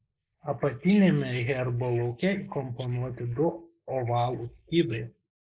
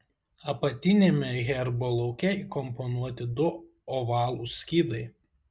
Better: second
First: noise reduction (neural mask model Resemble Enhance denoiser)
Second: none

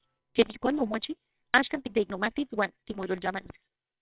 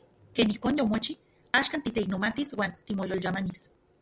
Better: second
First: noise reduction (neural separator model SepFormer WHAMR!)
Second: none

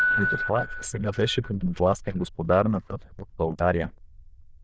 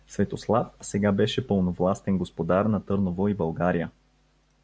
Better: second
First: noise reduction (neural diffusion model UNIVERSE++)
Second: none

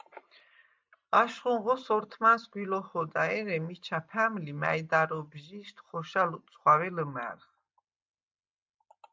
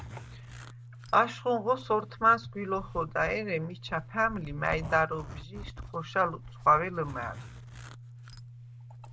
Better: first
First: none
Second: background sound (Zipper (clothing)); 13 dB below the speech

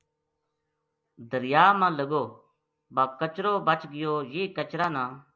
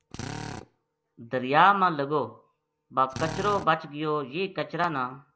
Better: first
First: none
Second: background sound (Drill); 15 dB below the speech

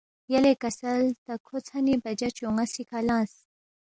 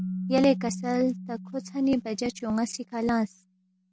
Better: first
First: none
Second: background sound (Keyboard (musical)); 10 dB below the speech

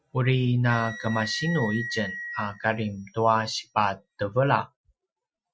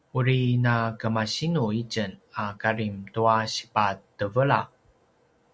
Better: second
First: noise reduction (classical method Wiener filter)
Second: none

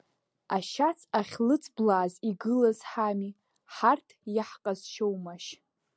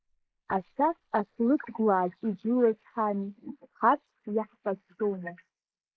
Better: first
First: none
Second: noise reduction (neural mask model Resemble Enhance denoiser)

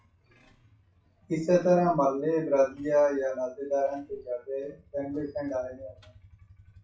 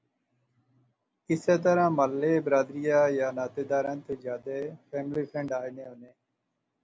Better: second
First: noise reduction (classical method WPE with log-MMSE)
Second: none

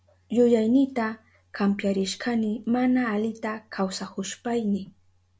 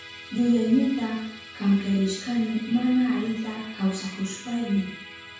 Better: first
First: none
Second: background sound (Musical instrument); 17 dB below the speech // room echo; dies away in 0.6 s

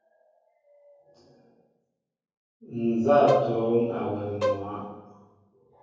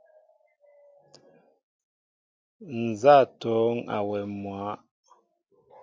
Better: second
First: background sound (Bowed string instrument); 4 dB below the speech // room echo; dies away in 1.3 s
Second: none

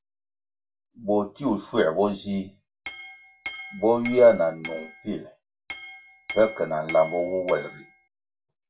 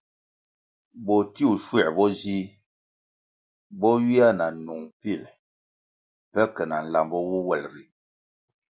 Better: second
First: background sound (Chink, clink); 14 dB below the speech // room echo; dies away in 0.1 s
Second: none

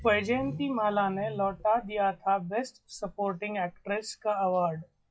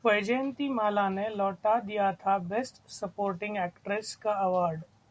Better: second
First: noise reduction (classical method log-MMSE)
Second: none

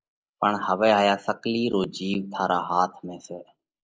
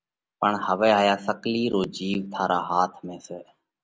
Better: second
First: noise reduction (neural mask model Resemble Enhance denoiser)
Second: none

